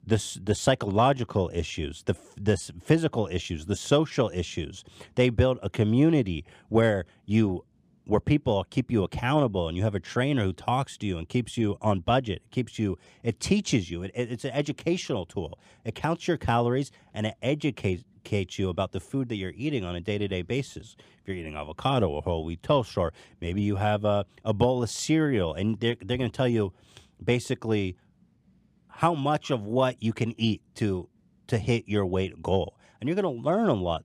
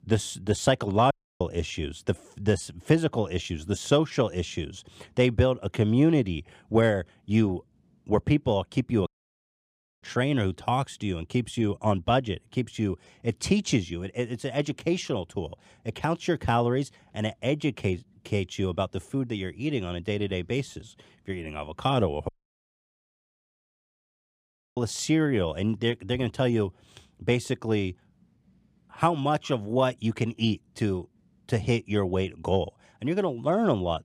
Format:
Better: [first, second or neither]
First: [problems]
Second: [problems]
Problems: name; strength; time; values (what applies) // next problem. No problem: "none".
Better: first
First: none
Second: audio cutting out; at 1 s, at 9 s for 1 s and at 22 s for 2.5 s